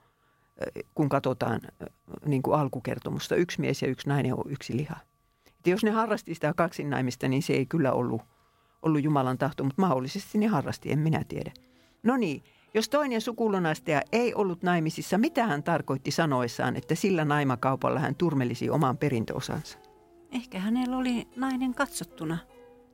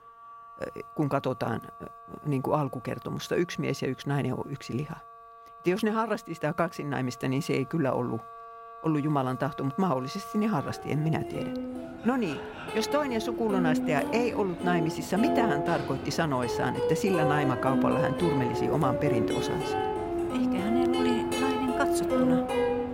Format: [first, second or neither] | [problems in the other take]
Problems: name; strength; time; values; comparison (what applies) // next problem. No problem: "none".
first | background music; loud; throughout; as loud as the speech; faint in the first